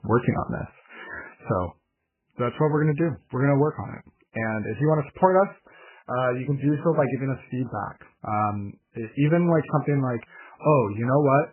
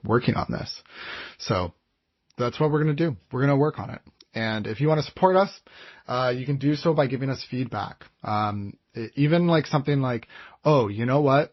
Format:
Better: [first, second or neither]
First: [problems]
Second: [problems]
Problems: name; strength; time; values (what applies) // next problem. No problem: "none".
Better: second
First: garbled, watery; badly; nothing above 2.5 kHz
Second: garbled, watery; slightly; nothing above 5.5 kHz